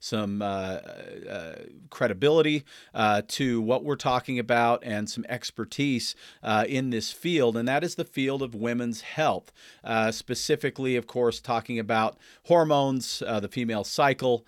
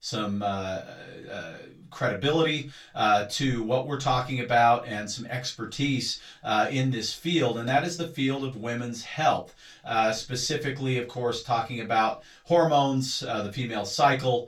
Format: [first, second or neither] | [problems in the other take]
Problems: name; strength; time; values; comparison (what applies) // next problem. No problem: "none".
first | room echo; very slight; dies away in 0.2 s // off-mic speech; far